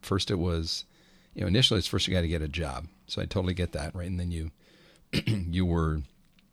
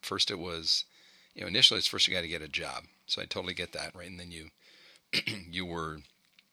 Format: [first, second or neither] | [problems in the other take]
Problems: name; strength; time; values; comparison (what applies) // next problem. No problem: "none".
first | thin; somewhat; fading below 750 Hz